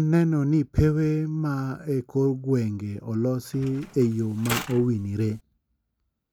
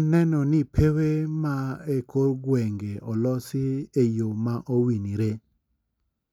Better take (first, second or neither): second